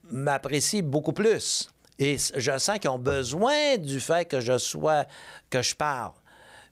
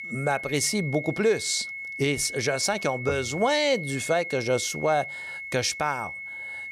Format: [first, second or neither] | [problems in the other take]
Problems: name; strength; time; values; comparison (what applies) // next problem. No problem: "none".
first | high-pitched whine; loud; throughout; 2 kHz, 8 dB below the speech